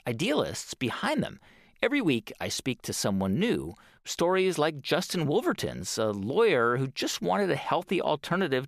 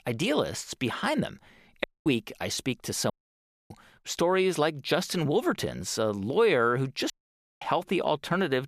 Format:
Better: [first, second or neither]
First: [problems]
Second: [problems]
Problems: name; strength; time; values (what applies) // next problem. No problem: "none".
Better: first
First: none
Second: audio cutting out; at 2 s, at 3 s for 0.5 s and at 7 s for 0.5 s